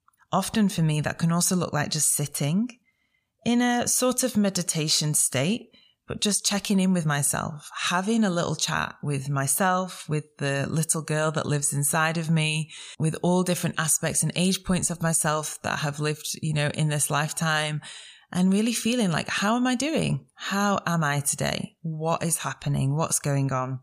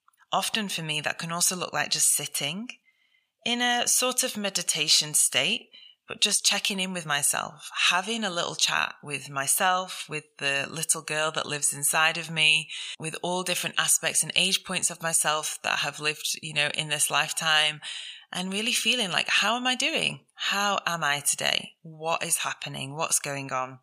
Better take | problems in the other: first | thin; somewhat; fading below 800 Hz

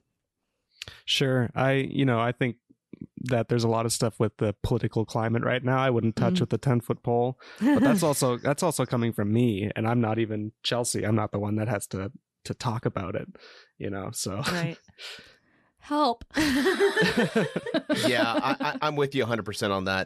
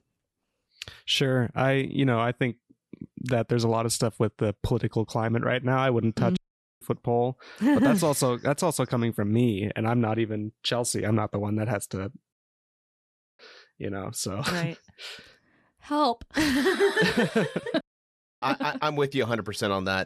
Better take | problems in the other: first | audio cutting out; at 6.5 s, at 12 s for 1 s and at 18 s for 0.5 s

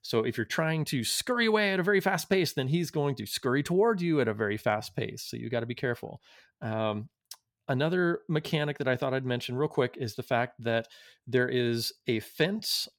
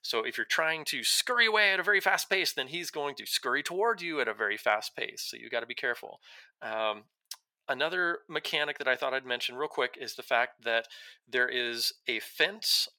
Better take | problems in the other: first | thin; very; fading below 600 Hz

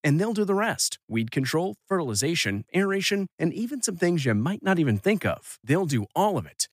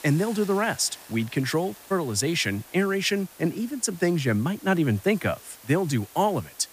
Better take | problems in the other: first | hiss; noticeable; throughout; 20 dB below the speech

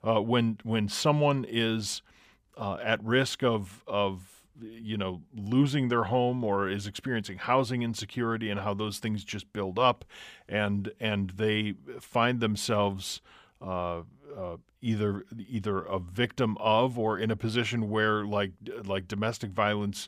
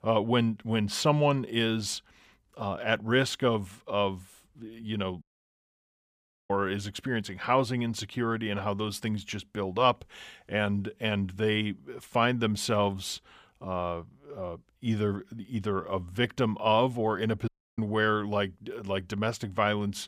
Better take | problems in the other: first | audio cutting out; at 5 s for 1.5 s and at 17 s

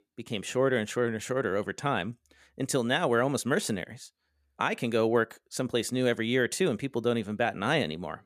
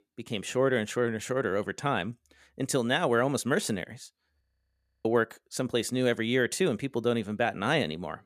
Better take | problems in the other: first | audio freezing; at 4.5 s for 0.5 s

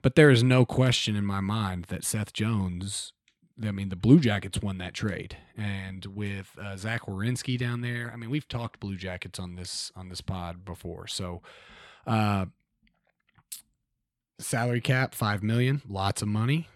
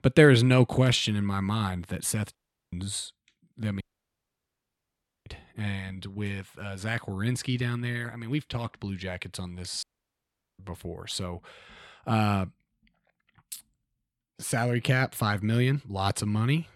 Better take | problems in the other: first | audio cutting out; at 2.5 s, at 4 s for 1.5 s and at 10 s for 1 s

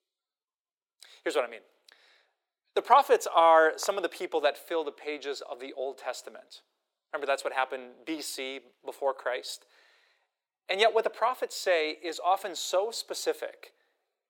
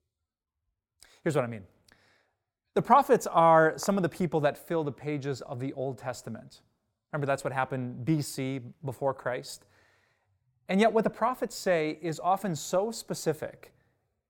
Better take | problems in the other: second | thin; very; fading below 350 Hz

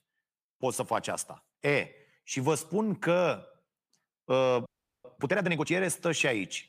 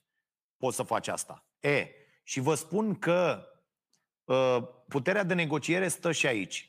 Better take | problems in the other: second | audio freezing; at 4.5 s

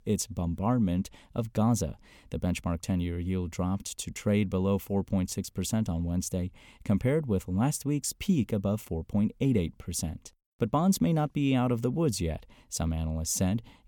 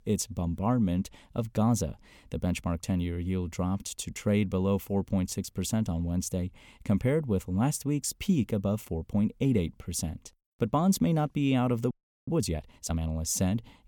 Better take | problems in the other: first | audio freezing; at 12 s

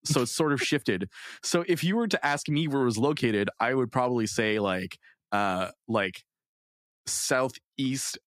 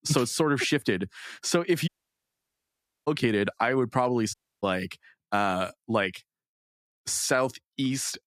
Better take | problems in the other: first | audio cutting out; at 2 s for 1 s and at 4.5 s

